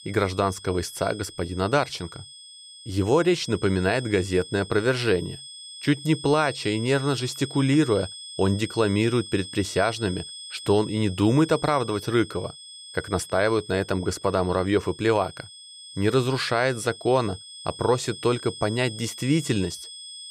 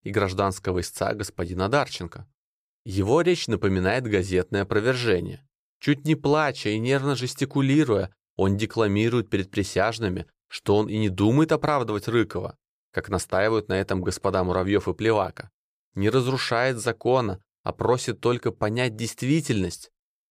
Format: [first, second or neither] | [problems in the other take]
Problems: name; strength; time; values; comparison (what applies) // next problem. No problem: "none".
second | high-pitched whine; noticeable; throughout; 3.5 kHz, 15 dB below the speech